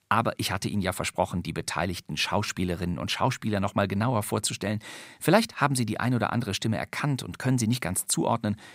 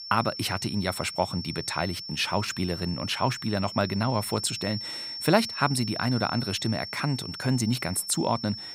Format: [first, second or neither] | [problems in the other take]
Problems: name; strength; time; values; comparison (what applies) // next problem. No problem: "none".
first | high-pitched whine; loud; throughout; 5.5 kHz, 8 dB below the speech